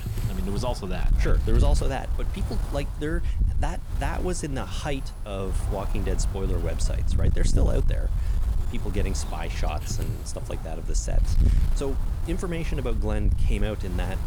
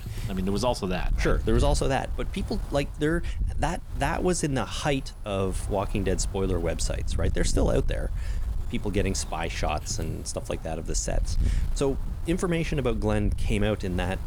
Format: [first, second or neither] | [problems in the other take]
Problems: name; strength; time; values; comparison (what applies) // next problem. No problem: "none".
second | wind noise on the microphone; heavy; 9 dB below the speech; occasional gusts in the second